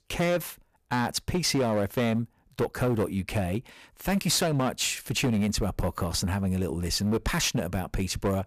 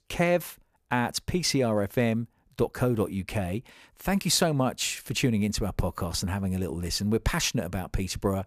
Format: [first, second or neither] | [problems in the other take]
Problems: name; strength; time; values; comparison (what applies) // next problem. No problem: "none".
second | distortion; slight; 10% of the sound clipped